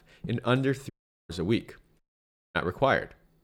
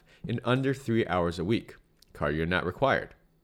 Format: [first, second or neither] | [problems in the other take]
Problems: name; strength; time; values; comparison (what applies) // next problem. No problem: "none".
second | audio cutting out; at 1 s and at 2 s for 0.5 s